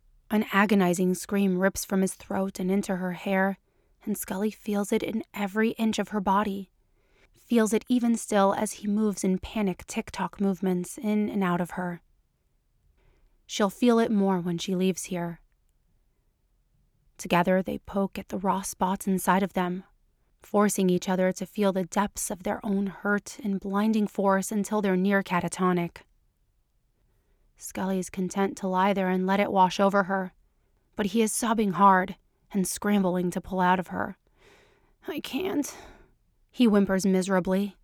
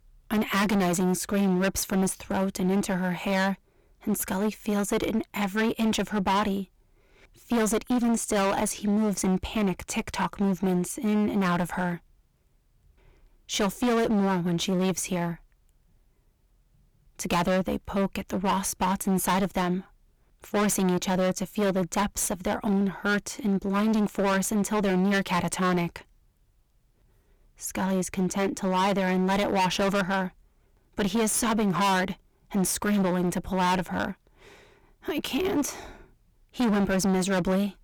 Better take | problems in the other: first | distortion; heavy; 19% of the sound clipped

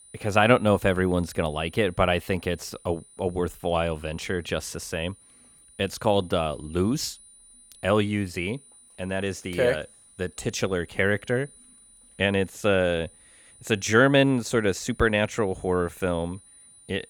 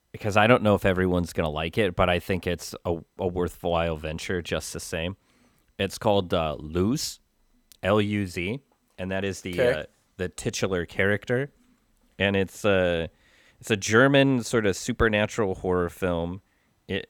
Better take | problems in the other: second | high-pitched whine; faint; throughout; 9.5 kHz, 25 dB below the speech

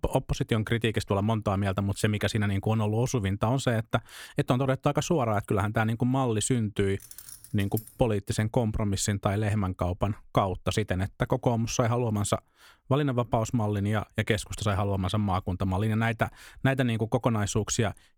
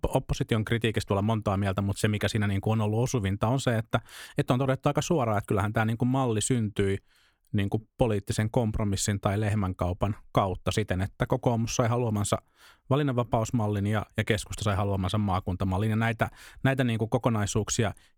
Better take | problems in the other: second | jangling keys; faint; at 7 s; peak 15 dB below the speech

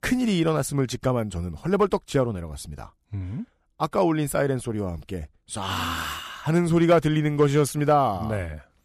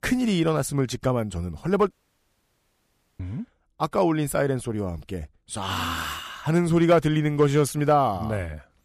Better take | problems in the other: first | audio cutting out; at 2 s for 1.5 s

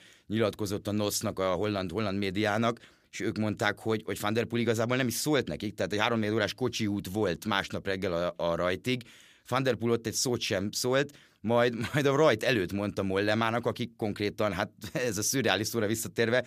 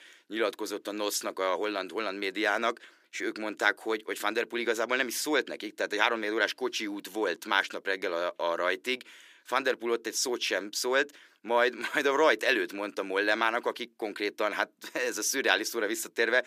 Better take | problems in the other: first | thin; somewhat; fading below 350 Hz

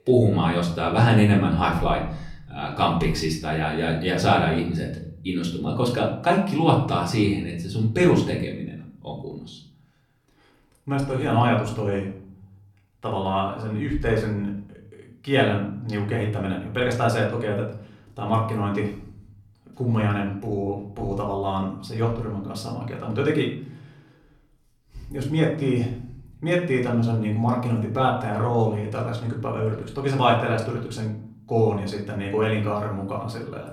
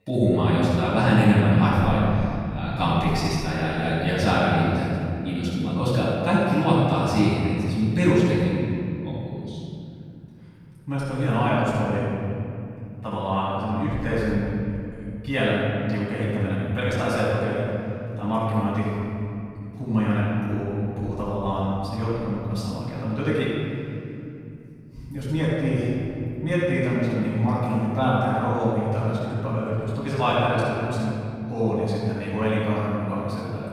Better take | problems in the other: first | room echo; strong; dies away in 3 s; slight in the first // off-mic speech; far; somewhat distant in the first

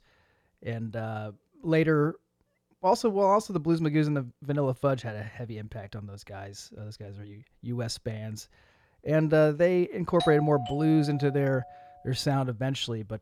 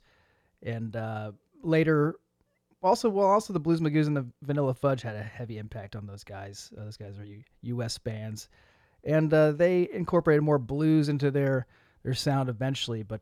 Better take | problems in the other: second | doorbell; noticeable; from 10 to 12 s; peak 6 dB below the speech

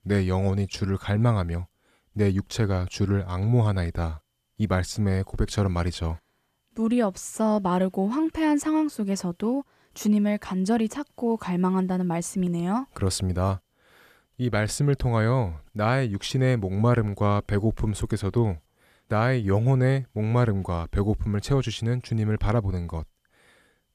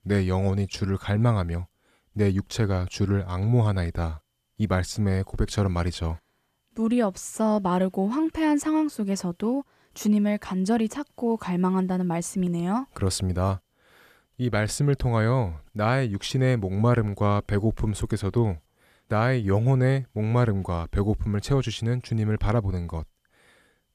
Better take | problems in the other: neither | none

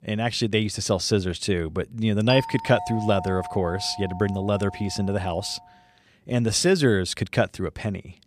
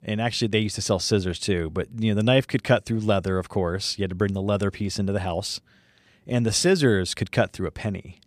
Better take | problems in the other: second | doorbell; noticeable; from 2.5 to 5.5 s; peak 8 dB below the speech

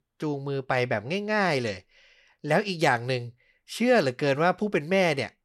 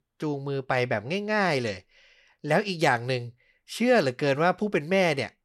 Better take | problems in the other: neither | none

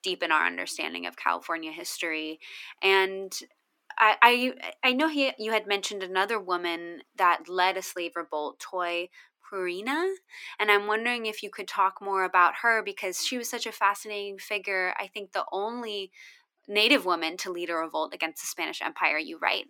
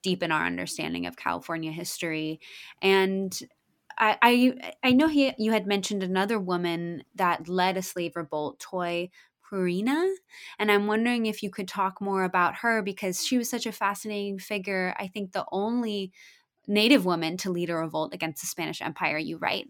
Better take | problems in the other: second | thin; somewhat; fading below 300 Hz

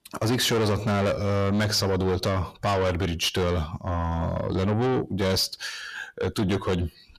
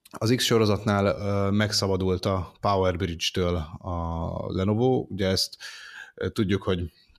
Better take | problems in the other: second | distortion; heavy; 7 dB below the speech

